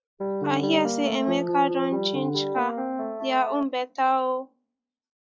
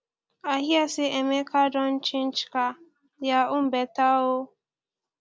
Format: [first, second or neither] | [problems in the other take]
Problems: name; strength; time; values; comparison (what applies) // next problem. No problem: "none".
second | noise reduction (classical method log-MMSE)